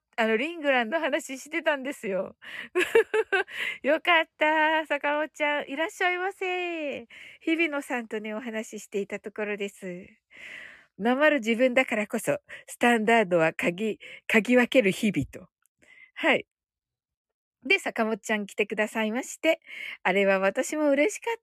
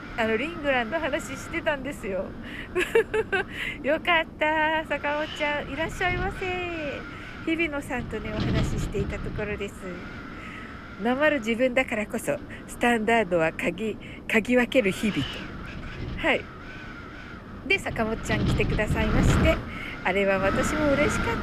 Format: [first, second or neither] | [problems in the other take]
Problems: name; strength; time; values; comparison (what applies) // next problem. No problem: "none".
first | wind noise on the microphone; occasional gusts; 10 dB below the speech